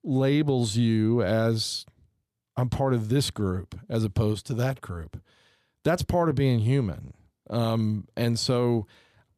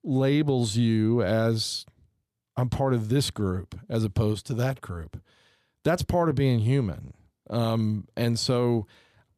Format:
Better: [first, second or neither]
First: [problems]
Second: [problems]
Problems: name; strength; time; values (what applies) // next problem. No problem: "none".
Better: neither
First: none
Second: none